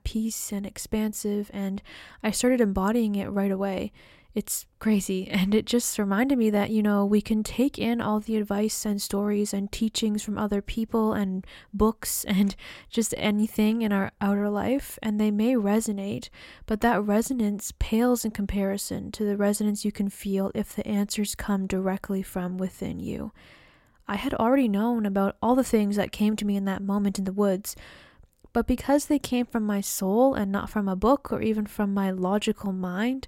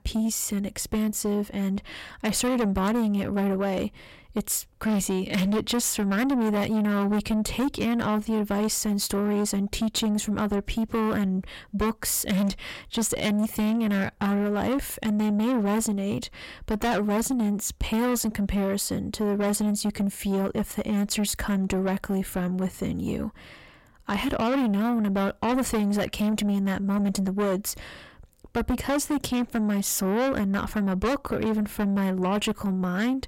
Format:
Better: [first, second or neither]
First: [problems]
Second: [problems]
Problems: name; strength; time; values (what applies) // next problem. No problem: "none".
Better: first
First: none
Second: distortion; heavy; 7 dB below the speech